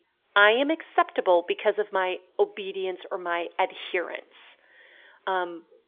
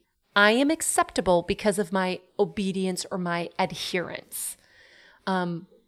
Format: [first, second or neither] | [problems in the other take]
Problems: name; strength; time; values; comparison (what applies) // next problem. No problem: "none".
second | phone-call audio; nothing above 3.5 kHz